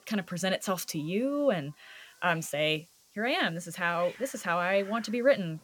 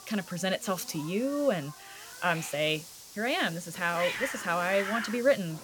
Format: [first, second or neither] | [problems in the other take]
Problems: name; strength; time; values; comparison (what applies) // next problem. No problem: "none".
first | hiss; loud; throughout; 9 dB below the speech; faint in the first